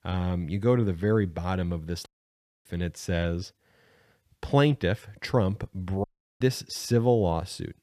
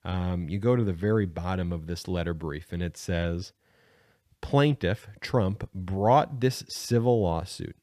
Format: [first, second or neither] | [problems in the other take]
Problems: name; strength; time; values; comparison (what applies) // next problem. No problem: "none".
second | audio cutting out; at 2 s for 0.5 s and at 6 s